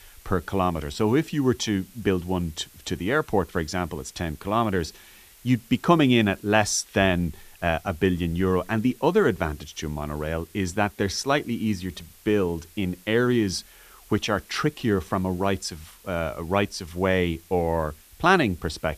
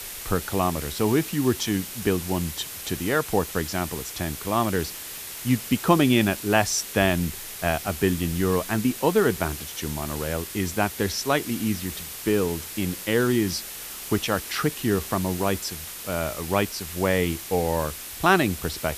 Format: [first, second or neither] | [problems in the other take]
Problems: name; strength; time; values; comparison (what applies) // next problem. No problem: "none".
first | hiss; loud; throughout; 9 dB below the speech; faint in the first